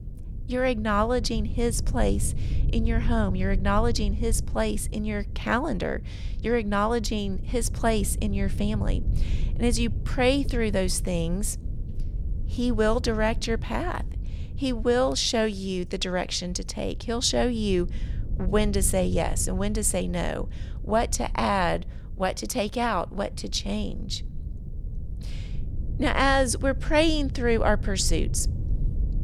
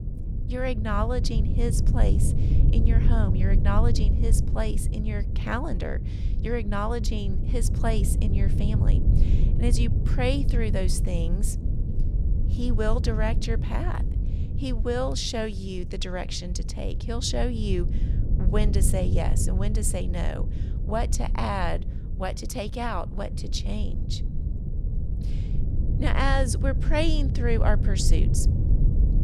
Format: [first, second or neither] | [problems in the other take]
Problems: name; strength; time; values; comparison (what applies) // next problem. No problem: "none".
first | low rumble; loud; throughout; 9 dB below the speech; faint in the first